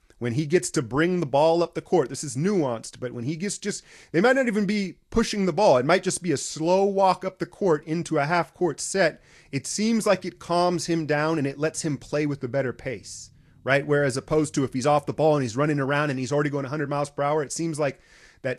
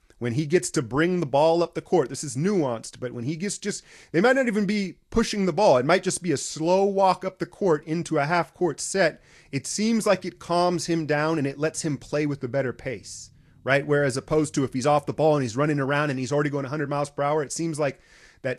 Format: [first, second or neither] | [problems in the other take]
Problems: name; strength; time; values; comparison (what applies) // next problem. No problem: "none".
neither | garbled, watery; slightly; the same in both